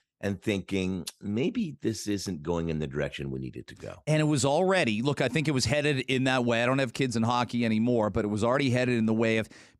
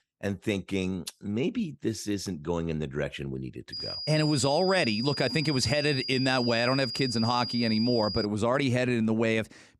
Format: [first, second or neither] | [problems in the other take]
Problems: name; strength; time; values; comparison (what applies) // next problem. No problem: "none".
first | high-pitched whine; loud; from 3.5 to 8.5 s; 5 kHz, 5 dB below the speech